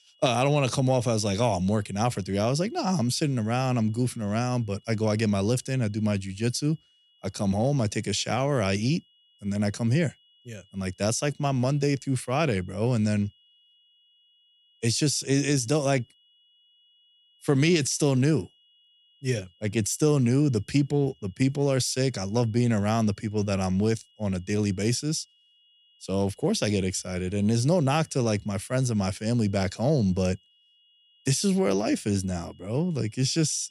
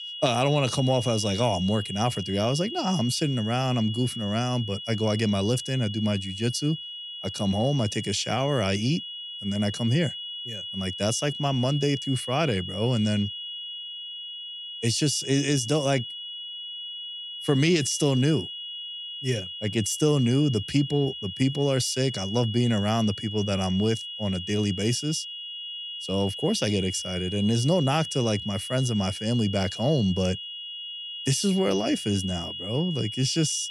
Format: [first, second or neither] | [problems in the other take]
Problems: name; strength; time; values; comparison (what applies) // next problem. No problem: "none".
first | high-pitched whine; loud; throughout; 3 kHz, 8 dB below the speech; faint in the first